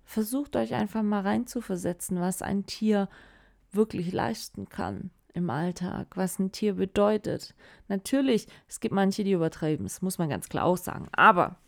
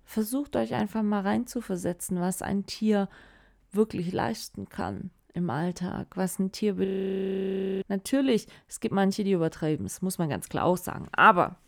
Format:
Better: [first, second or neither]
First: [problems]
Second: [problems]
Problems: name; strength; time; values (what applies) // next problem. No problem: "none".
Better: first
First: none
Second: audio freezing; at 7 s for 1 s